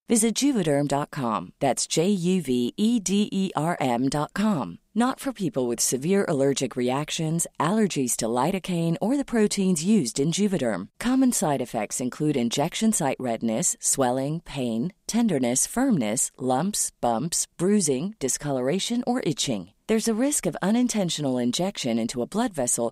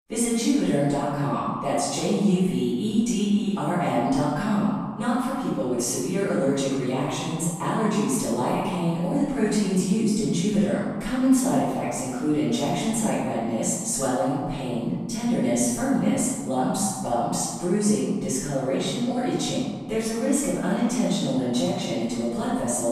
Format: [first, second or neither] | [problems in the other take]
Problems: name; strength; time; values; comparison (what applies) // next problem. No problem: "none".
first | off-mic speech; far // room echo; strong; dies away in 1.5 s